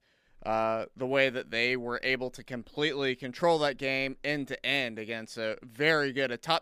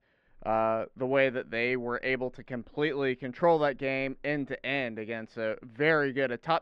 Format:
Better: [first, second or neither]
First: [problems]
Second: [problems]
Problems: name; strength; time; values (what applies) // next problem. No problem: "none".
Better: first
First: none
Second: muffled; slightly; fading above 2 kHz